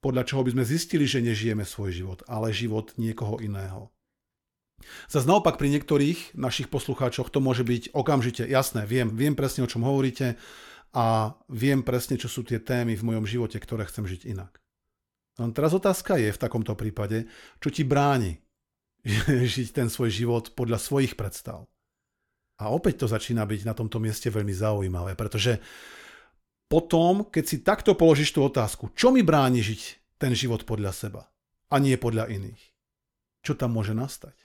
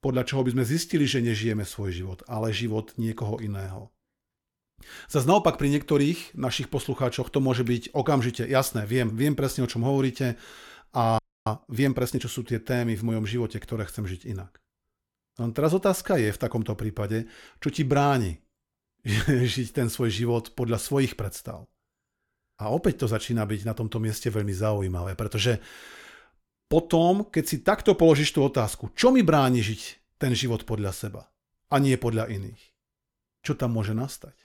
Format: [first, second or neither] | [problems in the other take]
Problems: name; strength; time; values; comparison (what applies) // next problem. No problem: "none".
first | audio freezing; at 11 s